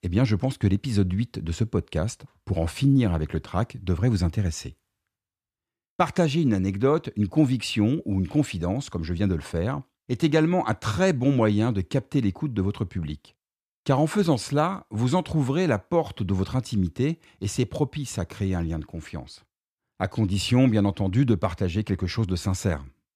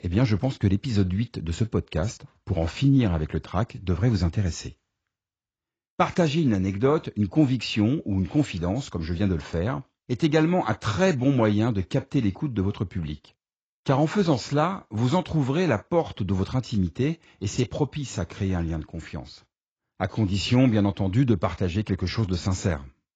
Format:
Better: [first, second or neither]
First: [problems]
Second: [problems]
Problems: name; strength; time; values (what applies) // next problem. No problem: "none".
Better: first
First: none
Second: garbled, watery; badly; nothing above 7.5 kHz